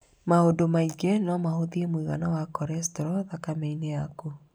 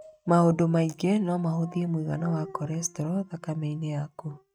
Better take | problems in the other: first | noise reduction (neural mask model RNNoise)

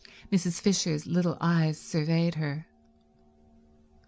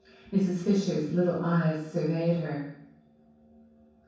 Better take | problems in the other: first | room echo; dies away in 0.7 s

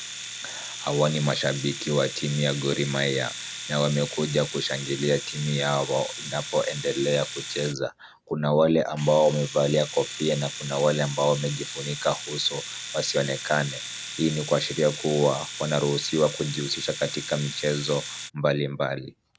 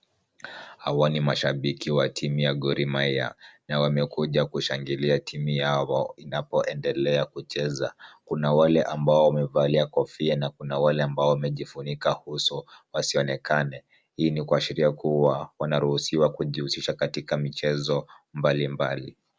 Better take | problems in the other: second | background sound (Domestic sounds, home sounds); 10 dB below the speech

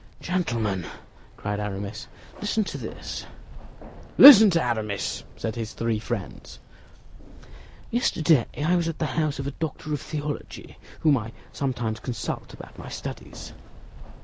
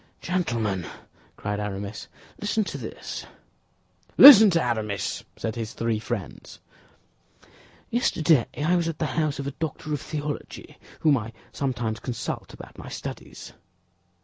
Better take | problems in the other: second | background sound (Keys jangling); 16 dB below the speech

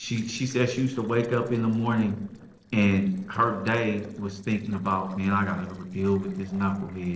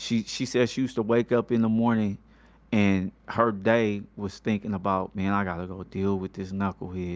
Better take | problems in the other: second | noise reduction (neural separator model SepFormer DNS4)

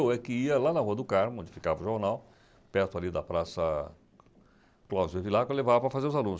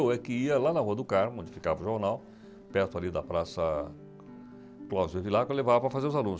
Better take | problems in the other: first | background sound (Guitar); 18 dB below the speech

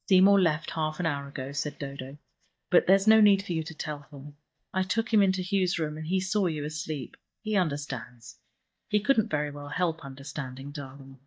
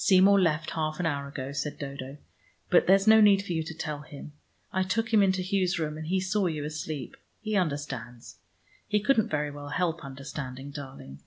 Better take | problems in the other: second | noise reduction (neural mask model DeepFilterNet 3)

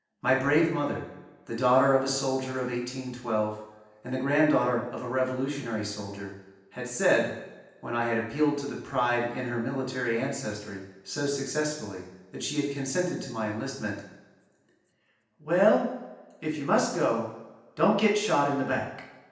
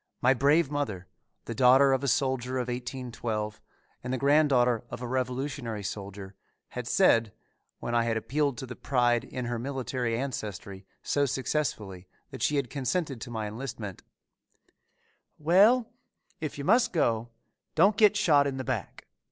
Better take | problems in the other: second | room echo; dies away in 0.9 s

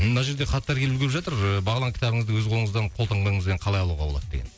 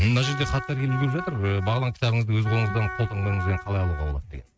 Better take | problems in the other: first | noise reduction (neural mask model RNNoise)

